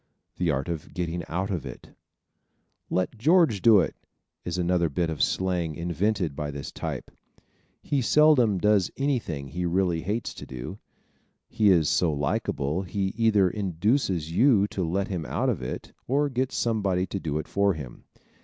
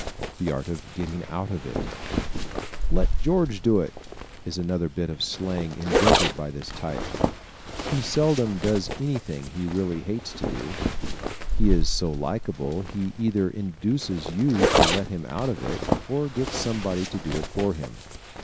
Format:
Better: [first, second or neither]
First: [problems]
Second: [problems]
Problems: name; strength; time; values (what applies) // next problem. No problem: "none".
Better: first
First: none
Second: background sound (Zipper (clothing)); as loud as the speech